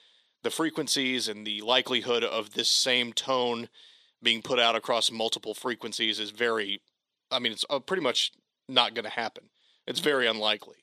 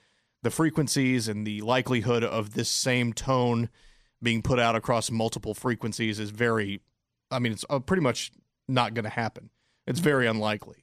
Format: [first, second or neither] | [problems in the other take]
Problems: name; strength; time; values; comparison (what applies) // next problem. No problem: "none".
second | thin; somewhat; fading below 400 Hz